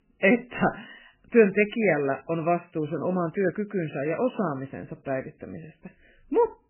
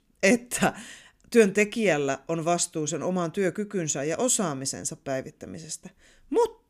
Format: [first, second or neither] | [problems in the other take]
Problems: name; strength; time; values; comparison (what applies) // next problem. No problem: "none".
second | garbled, watery; badly; nothing above 2.5 kHz